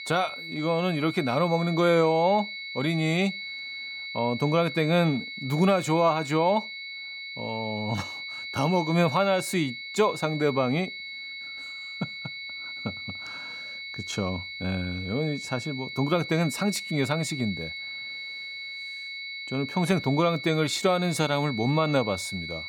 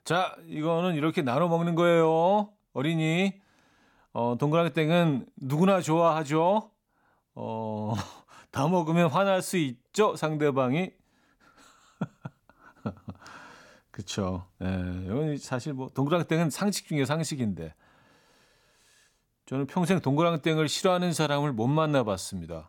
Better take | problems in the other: second | high-pitched whine; loud; throughout; 2 kHz, 9 dB below the speech

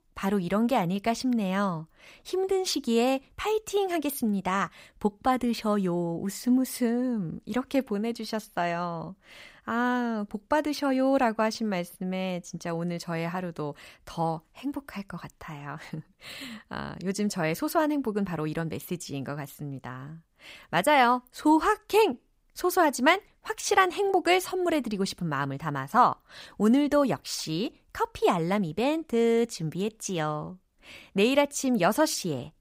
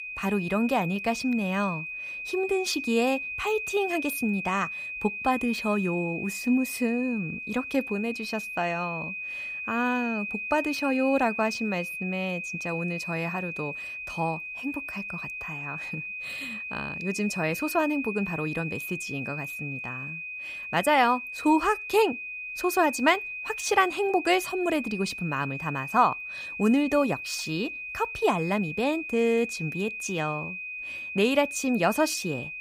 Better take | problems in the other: first | high-pitched whine; loud; throughout; 2.5 kHz, 6 dB below the speech

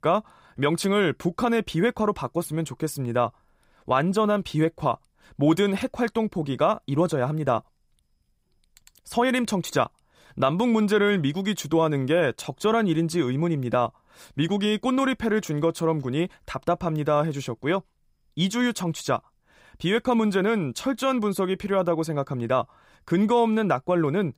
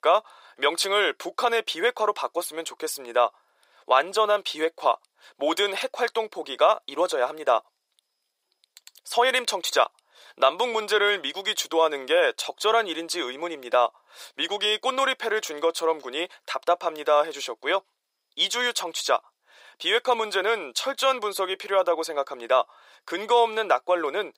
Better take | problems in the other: first | thin; very; fading below 450 Hz

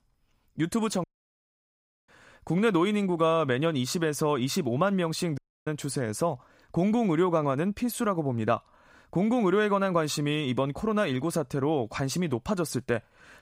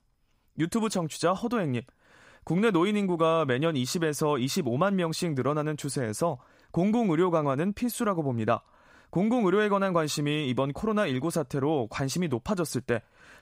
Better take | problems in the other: second | audio cutting out; at 1 s for 1 s and at 5.5 s

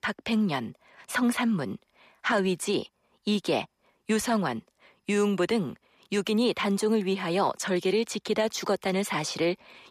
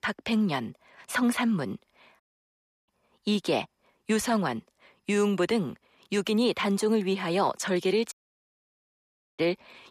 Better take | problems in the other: first | audio cutting out; at 2 s for 0.5 s and at 8 s for 1.5 s

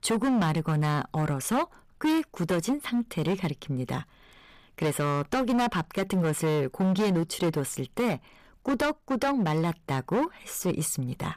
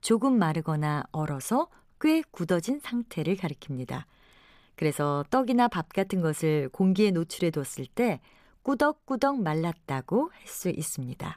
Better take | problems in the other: second | distortion; heavy; 14% of the sound clipped

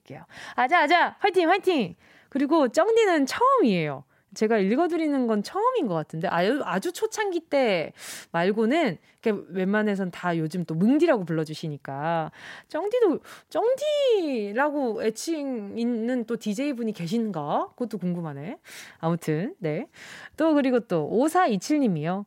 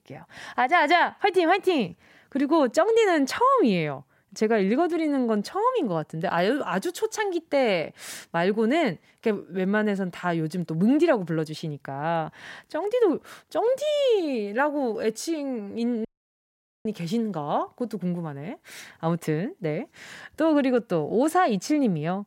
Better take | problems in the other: first | audio cutting out; at 16 s for 1 s

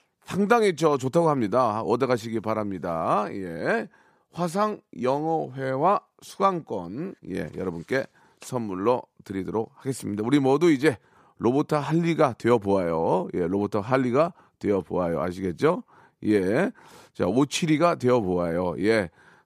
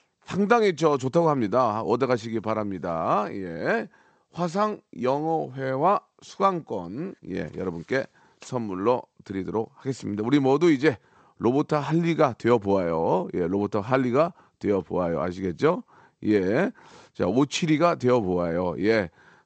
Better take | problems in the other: first | garbled, watery; slightly; nothing above 7.5 kHz

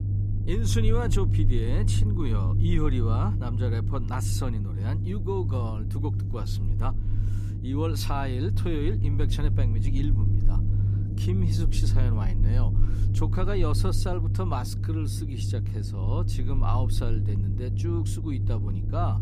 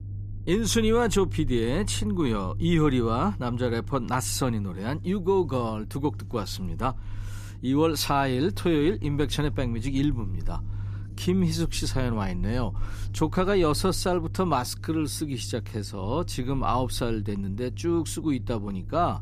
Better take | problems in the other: second | low rumble; loud; throughout; 5 dB below the speech; faint in the second

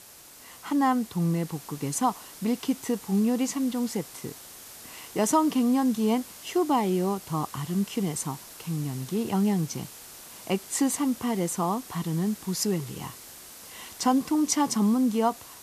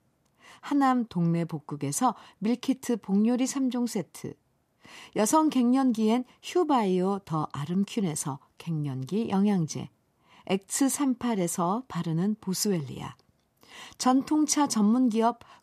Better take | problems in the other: second | hiss; noticeable; throughout; 15 dB below the speech

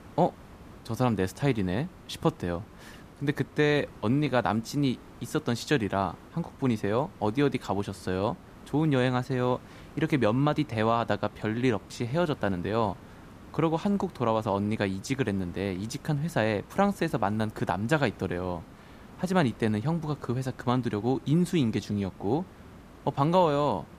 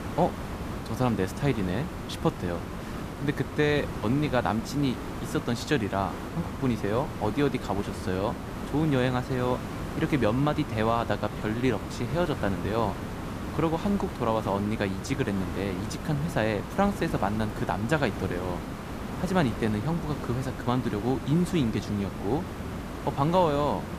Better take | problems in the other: first | hiss; loud; throughout; 7 dB below the speech; faint in the first

